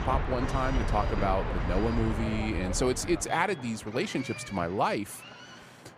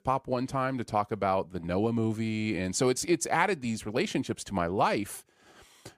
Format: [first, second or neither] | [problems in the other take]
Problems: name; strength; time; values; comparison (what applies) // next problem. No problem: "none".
second | train or aircraft noise; loud; throughout; 4 dB below the speech